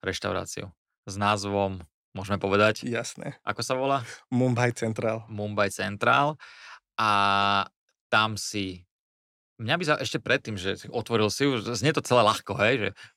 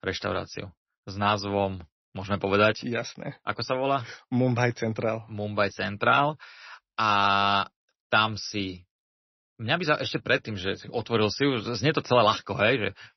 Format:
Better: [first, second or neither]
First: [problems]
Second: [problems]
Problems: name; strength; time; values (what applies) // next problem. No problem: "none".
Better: first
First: none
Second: garbled, watery; slightly; nothing above 6 kHz